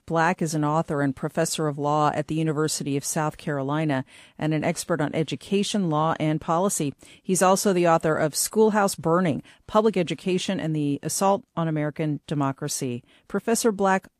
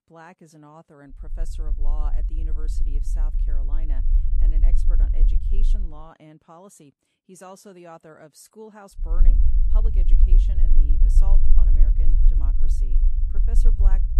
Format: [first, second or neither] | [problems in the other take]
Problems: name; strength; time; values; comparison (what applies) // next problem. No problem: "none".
first | low rumble; loud; from 1.5 to 6 s and from 9 s on; 2 dB below the speech